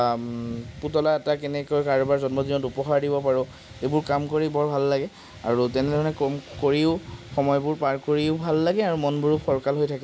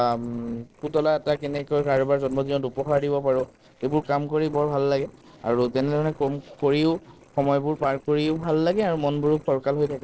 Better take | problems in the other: first | noise reduction (neural separator model SepFormer DNS4)

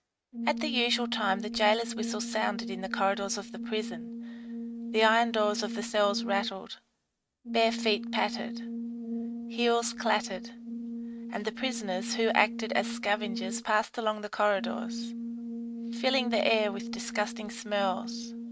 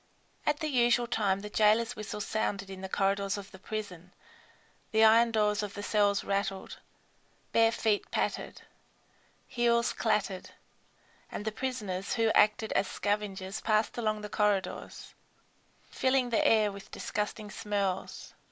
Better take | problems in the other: second | noise reduction (neural mask model RNNoise)

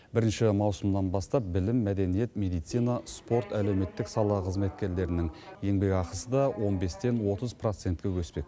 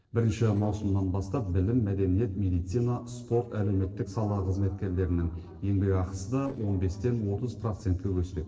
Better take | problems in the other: first | noise reduction (neural separator model SepFormer DNS4)

